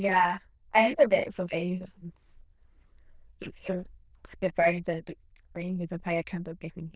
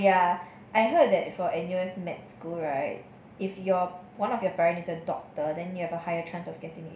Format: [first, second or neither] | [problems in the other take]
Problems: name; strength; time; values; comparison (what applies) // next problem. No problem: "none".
second | noise reduction (neural diffusion model UNIVERSE++)